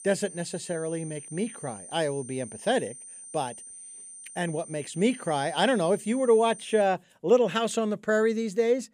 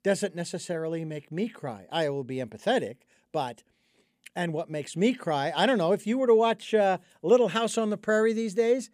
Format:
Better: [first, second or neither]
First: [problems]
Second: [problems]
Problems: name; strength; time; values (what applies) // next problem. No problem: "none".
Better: second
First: high-pitched whine; noticeable; until 7 s; 9 kHz, 15 dB below the speech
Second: none